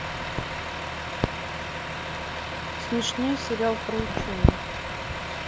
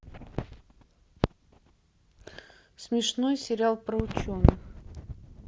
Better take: second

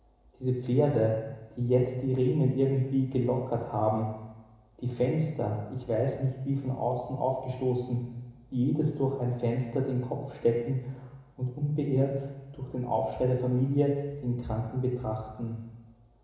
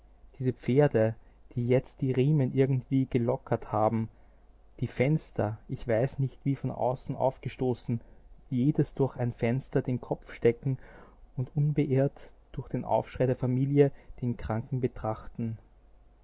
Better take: second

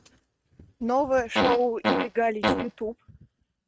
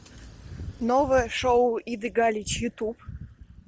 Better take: second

